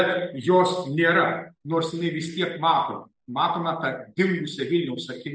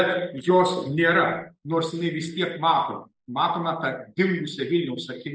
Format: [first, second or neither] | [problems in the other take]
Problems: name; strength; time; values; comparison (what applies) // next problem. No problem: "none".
first | noise reduction (neural mask model Resemble Enhance denoiser)